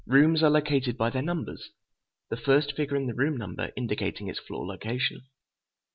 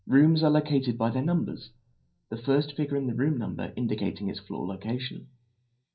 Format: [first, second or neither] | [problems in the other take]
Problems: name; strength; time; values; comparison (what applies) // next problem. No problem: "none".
first | room echo; dies away in 0.3 s